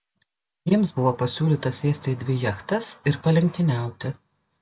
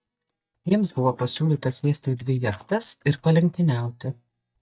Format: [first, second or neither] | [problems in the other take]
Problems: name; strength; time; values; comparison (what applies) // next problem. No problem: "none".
first | noise reduction (neural mask model DeepFilterNet 3)